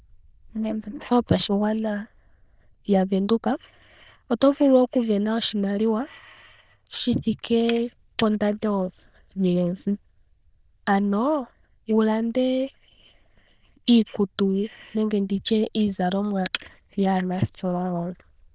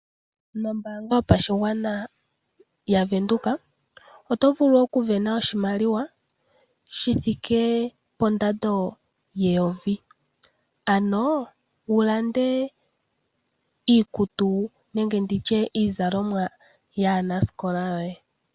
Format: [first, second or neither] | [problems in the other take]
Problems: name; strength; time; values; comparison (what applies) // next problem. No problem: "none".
second | noise reduction (neural diffusion model UNIVERSE++)